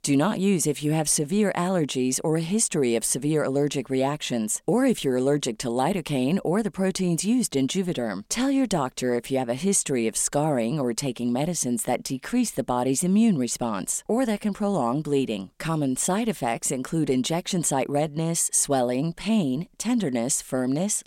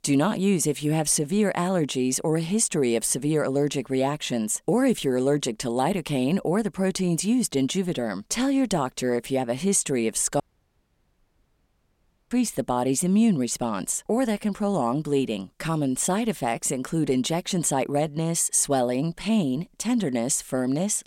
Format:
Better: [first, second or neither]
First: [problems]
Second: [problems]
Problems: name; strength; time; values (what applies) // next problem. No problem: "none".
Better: first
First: none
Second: audio cutting out; at 10 s for 2 s